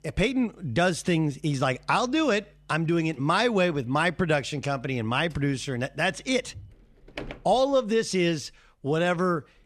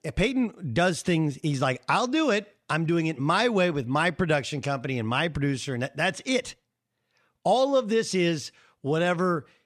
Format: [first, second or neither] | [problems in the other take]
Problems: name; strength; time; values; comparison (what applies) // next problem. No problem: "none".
second | household noises; faint; throughout; 25 dB below the speech